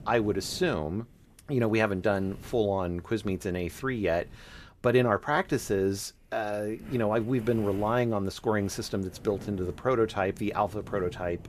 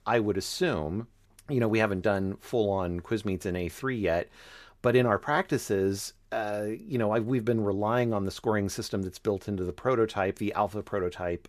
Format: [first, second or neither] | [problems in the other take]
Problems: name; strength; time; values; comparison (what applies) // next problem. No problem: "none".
second | wind noise on the microphone; occasional gusts; 25 dB below the speech